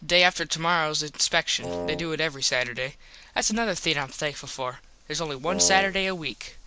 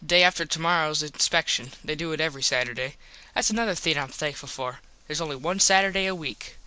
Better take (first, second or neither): second